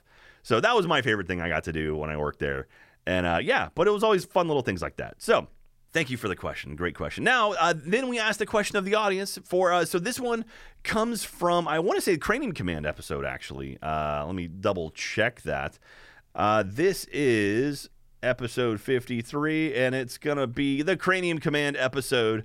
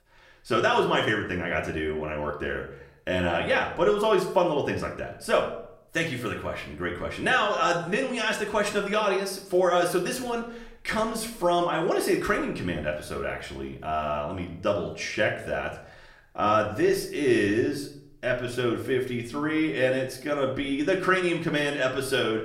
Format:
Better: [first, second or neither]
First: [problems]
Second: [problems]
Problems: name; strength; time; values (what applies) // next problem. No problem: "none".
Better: first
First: none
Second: room echo; slight; dies away in 0.5 s // off-mic speech; somewhat distant